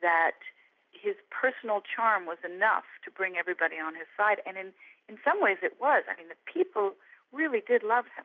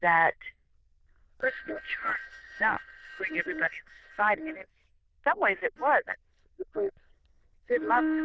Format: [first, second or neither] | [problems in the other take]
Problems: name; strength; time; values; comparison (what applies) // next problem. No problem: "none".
first | noise reduction (neural diffusion model UNIVERSE++)